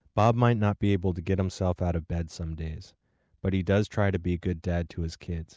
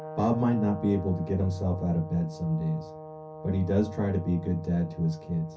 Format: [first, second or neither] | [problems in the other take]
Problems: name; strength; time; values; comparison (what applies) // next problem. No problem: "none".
first | background sound (Brass instrument); 14 dB below the speech // room echo; dies away in 0.3 s